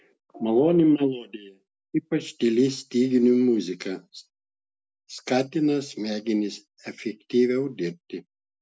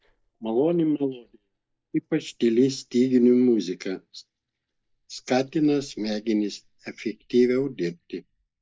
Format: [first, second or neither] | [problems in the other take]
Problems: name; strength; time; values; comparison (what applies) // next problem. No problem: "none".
first | noise reduction (neural mask model DeepFilterNet 3)